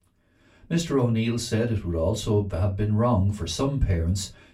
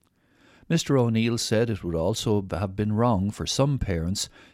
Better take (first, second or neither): second